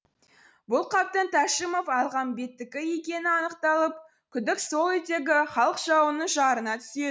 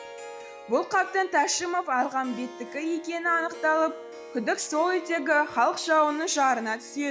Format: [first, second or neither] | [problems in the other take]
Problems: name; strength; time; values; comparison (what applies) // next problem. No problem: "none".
first | background sound (Harp); 16 dB below the speech